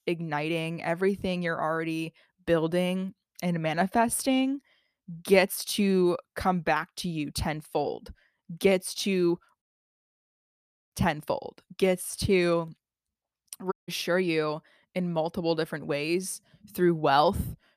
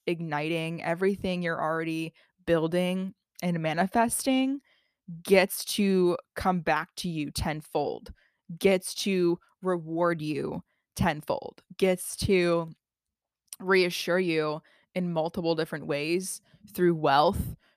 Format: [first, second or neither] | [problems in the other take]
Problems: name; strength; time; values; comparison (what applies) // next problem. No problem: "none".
second | audio cutting out; at 9.5 s for 1.5 s and at 14 s